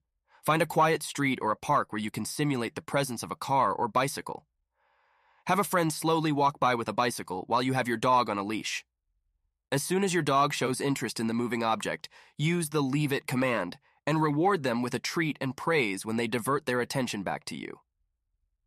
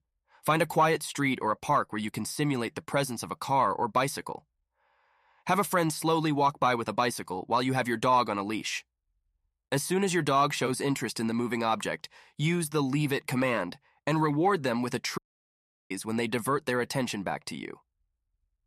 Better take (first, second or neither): first